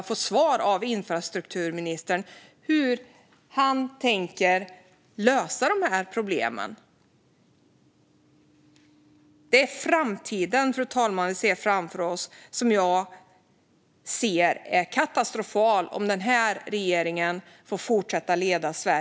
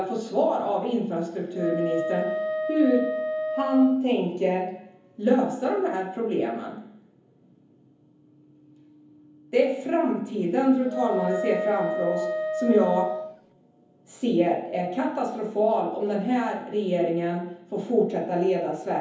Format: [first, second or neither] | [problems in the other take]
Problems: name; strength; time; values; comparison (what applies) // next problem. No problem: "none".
first | background sound (Wind instrument, woodwind instrument); 4 dB below the speech // room echo; dies away in 0.7 s